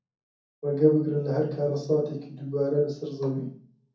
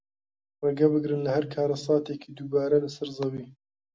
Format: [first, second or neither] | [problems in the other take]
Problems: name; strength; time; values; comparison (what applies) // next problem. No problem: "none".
second | room echo; dies away in 0.6 s